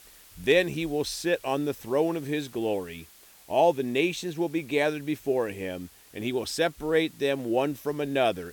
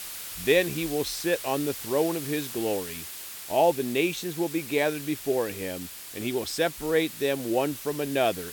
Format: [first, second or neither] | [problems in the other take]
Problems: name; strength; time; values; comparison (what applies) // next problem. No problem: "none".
first | hiss; loud; throughout; 9 dB below the speech; faint in the first